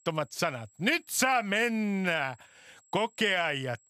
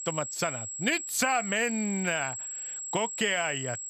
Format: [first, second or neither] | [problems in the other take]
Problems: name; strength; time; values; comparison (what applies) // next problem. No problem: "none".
first | high-pitched whine; loud; throughout; 7.5 kHz, 5 dB below the speech; faint in the first